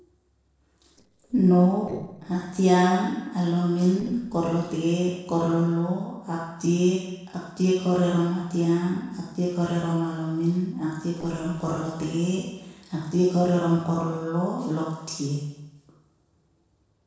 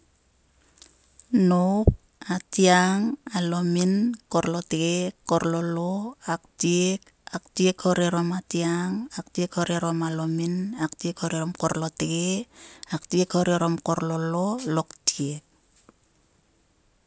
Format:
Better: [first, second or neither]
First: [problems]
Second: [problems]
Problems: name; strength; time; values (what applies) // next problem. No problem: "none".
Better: second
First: noise reduction (neural separator model SepFormer DNS4)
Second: none